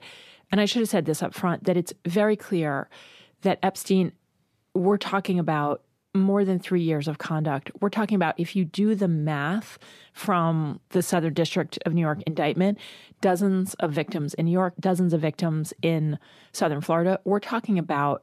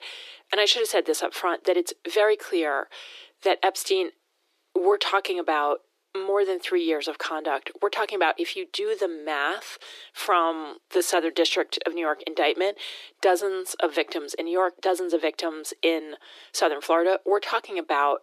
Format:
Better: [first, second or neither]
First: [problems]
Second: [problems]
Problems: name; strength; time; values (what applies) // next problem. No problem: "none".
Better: first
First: none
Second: thin; very; fading below 350 Hz